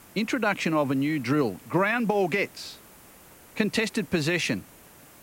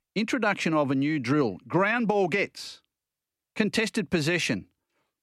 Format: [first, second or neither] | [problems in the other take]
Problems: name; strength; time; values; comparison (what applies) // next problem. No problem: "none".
second | hiss; faint; throughout; 25 dB below the speech